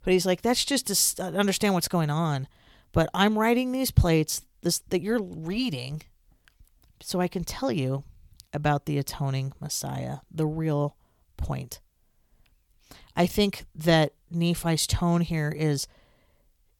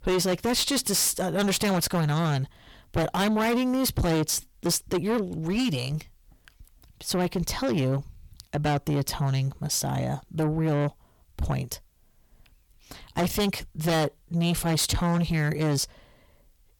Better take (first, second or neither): first